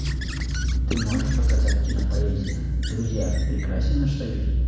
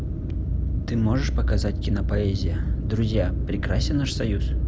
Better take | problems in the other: second | background sound (Squeak / Writing); 15 dB below the speech // room echo; dies away in 1.1 s

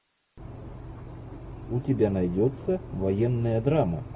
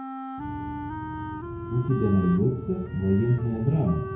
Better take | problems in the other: first | background sound (Wind instrument, woodwind instrument); 11 dB below the speech // room echo; dies away in 0.5 s

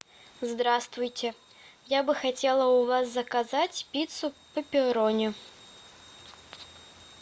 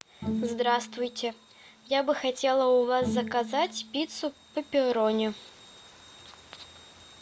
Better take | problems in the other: first | background sound (Bowed string instrument); 10 dB below the speech

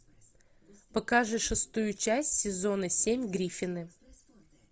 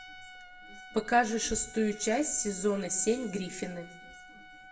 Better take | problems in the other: first | background sound (Trumpet); 18 dB below the speech // room echo; dies away in 0.6 s

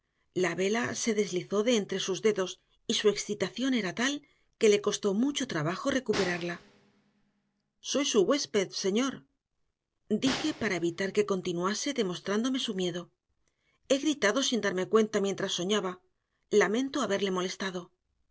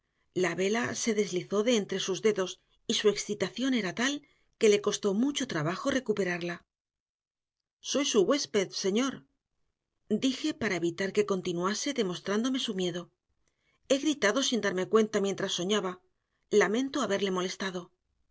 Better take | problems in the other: second | background sound (Snare drum); 14 dB below the speech

